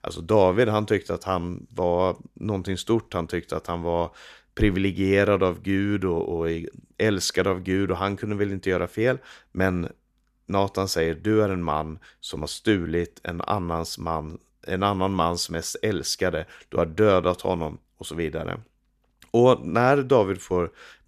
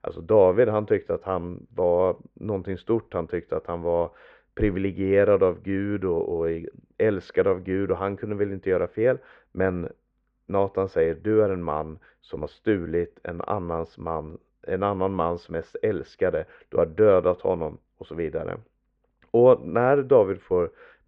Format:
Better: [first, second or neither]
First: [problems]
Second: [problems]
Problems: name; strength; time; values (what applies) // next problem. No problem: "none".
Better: first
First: none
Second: muffled; very; fading above 2 kHz